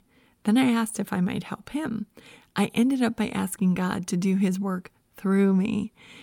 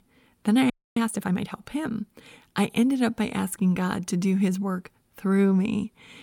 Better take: first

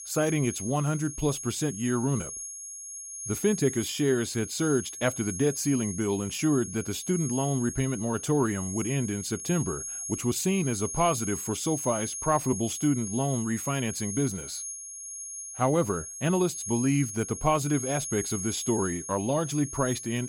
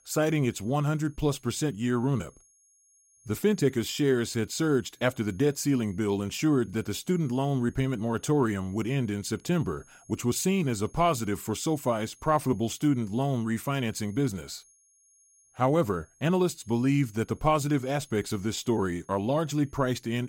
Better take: second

